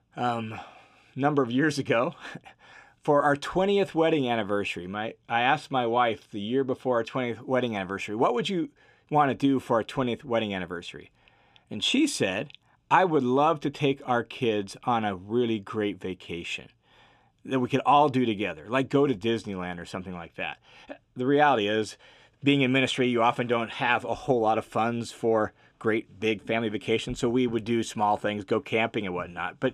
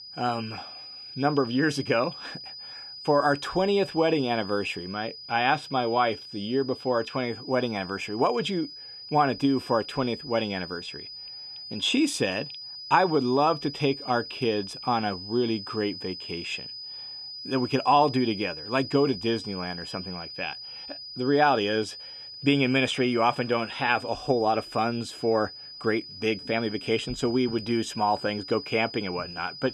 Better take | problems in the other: first | high-pitched whine; noticeable; throughout; 5 kHz, 10 dB below the speech

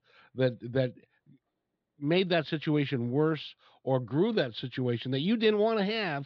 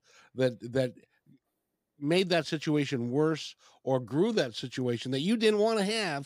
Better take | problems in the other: second | muffled; very slightly; fading above 4 kHz

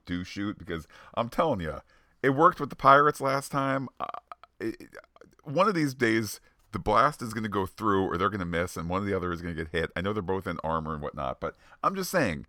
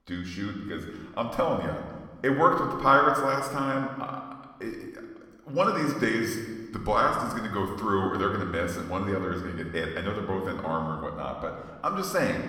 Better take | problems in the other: first | room echo; slight; dies away in 1.2 s // off-mic speech; somewhat distant

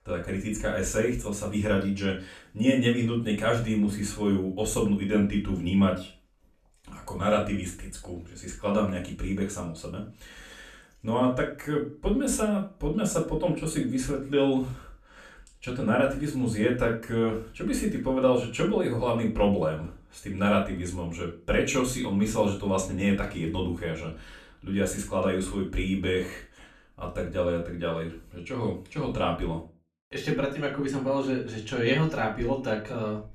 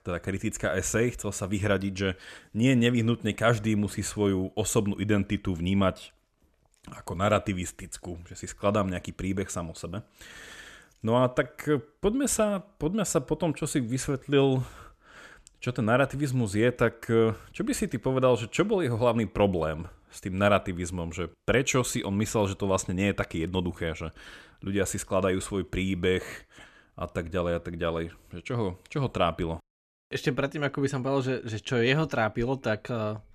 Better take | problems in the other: second | off-mic speech; far // room echo; slight; dies away in 0.3 s

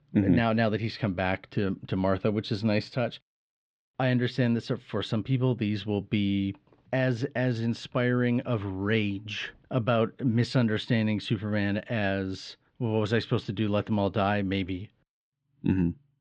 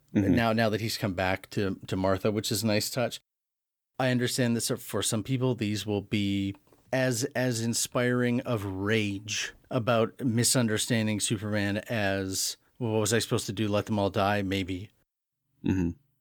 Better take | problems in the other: second | muffled; slightly; fading above 4 kHz

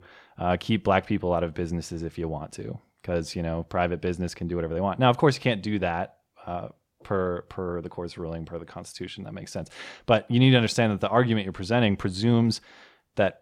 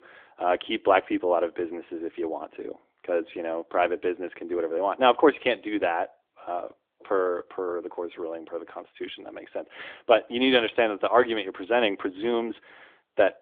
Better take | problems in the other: first | phone-call audio; nothing above 3.5 kHz

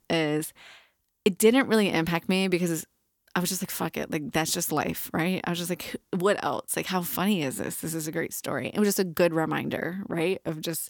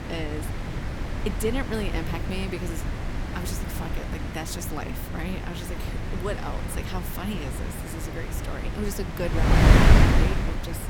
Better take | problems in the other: first | wind noise on the microphone; heavy; 3 dB above the speech

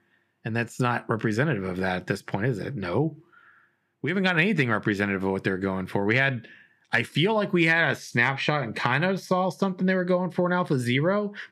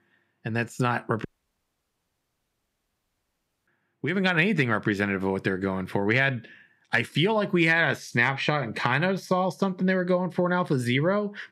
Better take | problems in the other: first | audio cutting out; at 1.5 s for 2.5 s

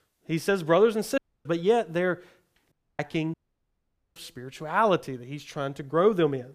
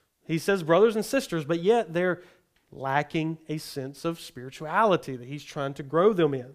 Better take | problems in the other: second | audio cutting out; at 1 s, at 2.5 s and at 3.5 s for 1 s

